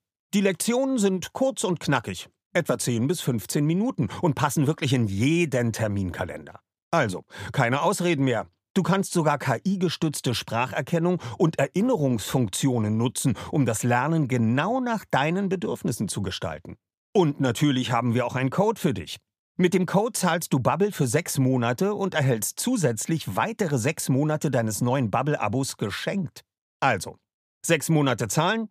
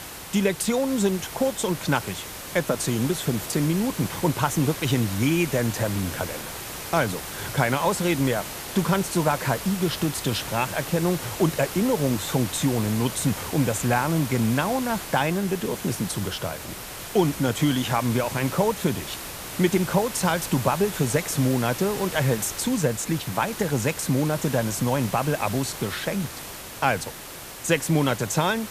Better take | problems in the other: first | hiss; loud; throughout; 9 dB below the speech

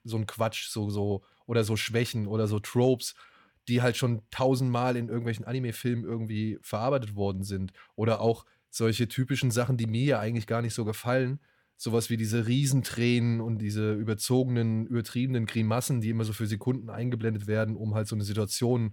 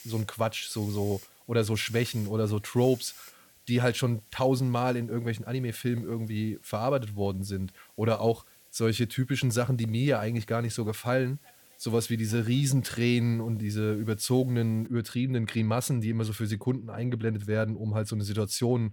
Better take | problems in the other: first | hiss; faint; until 15 s; 25 dB below the speech

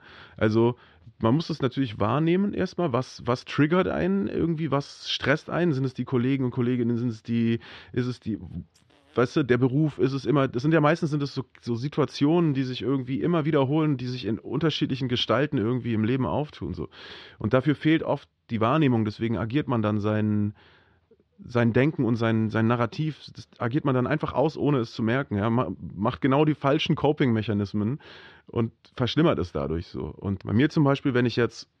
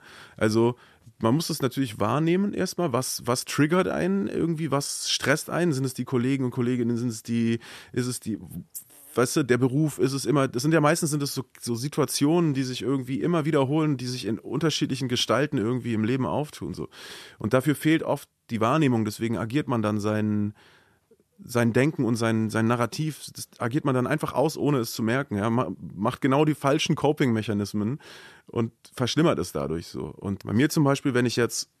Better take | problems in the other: second | muffled; slightly; fading above 4 kHz

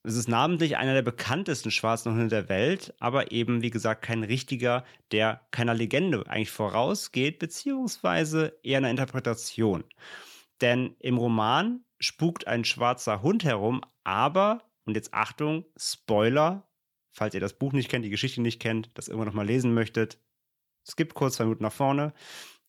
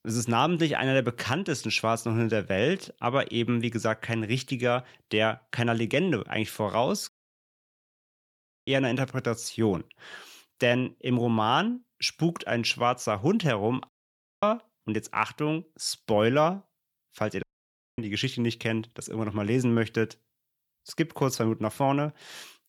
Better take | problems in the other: first | audio cutting out; at 7 s for 1.5 s, at 14 s for 0.5 s and at 17 s for 0.5 s

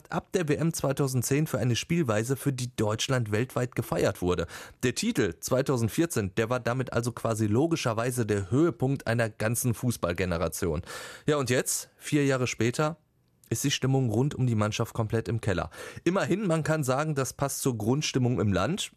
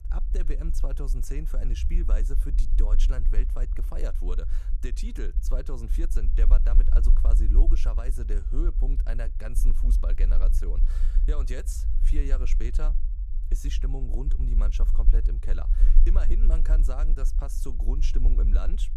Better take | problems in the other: first | low rumble; loud; throughout; 9 dB below the speech

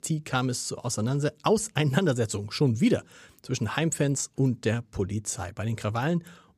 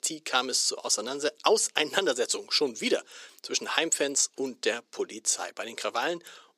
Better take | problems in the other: first | thin; very; fading below 350 Hz

